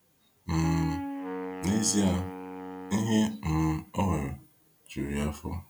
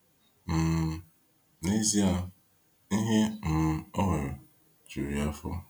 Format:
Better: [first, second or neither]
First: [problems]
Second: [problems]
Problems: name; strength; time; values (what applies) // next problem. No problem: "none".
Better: second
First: background sound (Wind instrument, woodwind instrument); 8 dB below the speech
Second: none